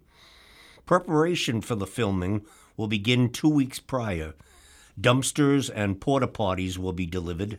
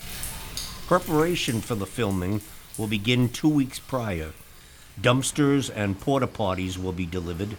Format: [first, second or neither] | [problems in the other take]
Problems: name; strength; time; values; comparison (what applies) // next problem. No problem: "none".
first | rain or running water; noticeable; throughout; 15 dB below the speech